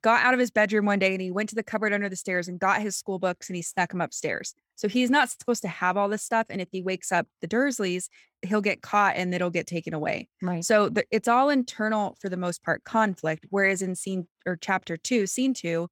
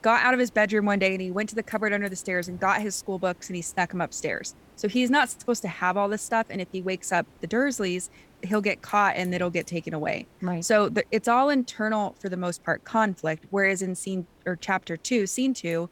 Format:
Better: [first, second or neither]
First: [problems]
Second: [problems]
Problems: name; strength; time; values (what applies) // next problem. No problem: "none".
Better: first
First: none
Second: hiss; faint; throughout; 30 dB below the speech